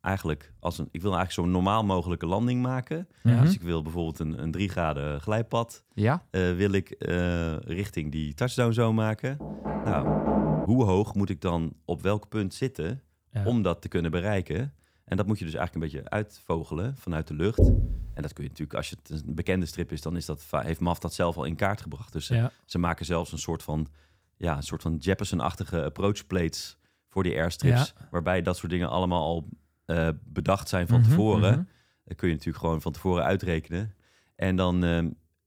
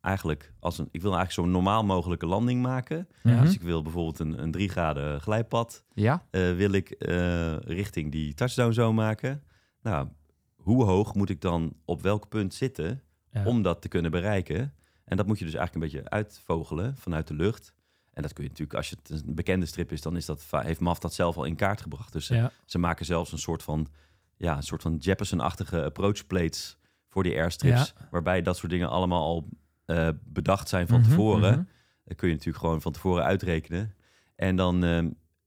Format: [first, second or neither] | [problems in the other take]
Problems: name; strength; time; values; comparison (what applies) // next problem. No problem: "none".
second | door banging; loud; from 9.5 to 11 s and at 18 s; peak 5 dB above the speech